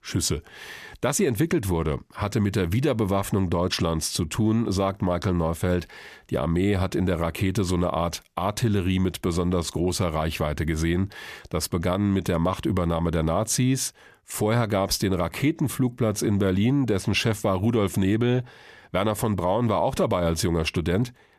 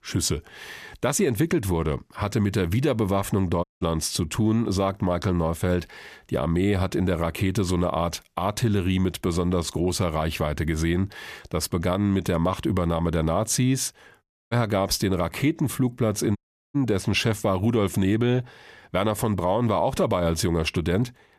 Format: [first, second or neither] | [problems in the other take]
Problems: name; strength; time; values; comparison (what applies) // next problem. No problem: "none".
first | audio cutting out; at 3.5 s, at 14 s and at 16 s